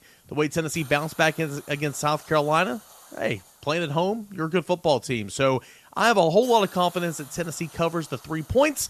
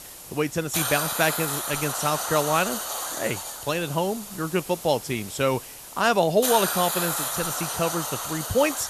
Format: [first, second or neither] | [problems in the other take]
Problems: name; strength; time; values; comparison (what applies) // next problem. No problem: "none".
first | hiss; loud; throughout; 3 dB below the speech; faint in the first